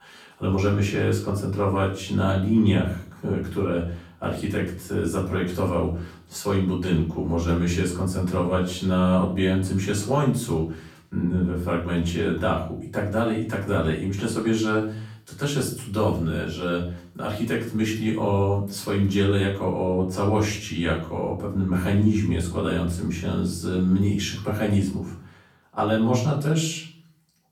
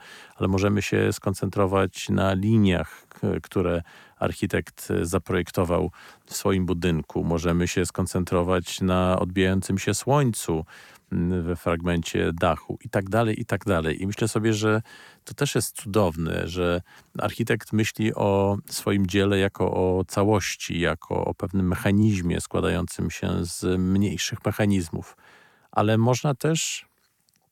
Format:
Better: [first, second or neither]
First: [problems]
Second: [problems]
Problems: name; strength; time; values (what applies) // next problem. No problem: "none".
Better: second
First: off-mic speech; far // room echo; slight; dies away in 0.5 s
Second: none